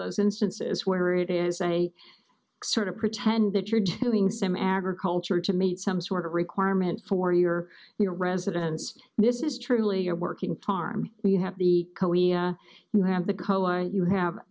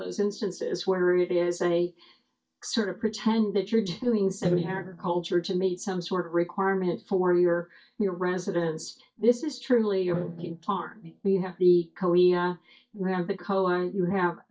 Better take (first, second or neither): first